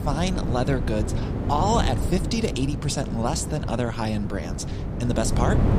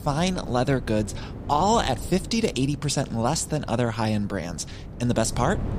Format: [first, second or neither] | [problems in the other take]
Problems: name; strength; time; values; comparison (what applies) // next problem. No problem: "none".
second | wind noise on the microphone; heavy; 8 dB below the speech; occasional gusts in the second